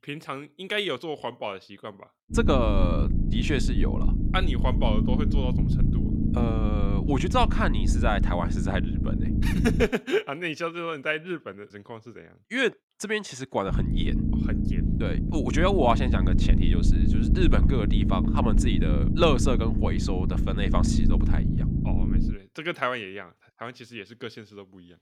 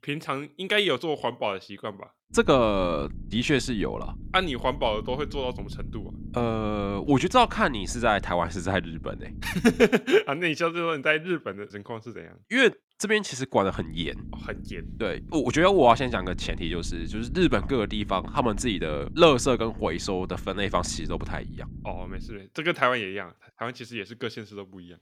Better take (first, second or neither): second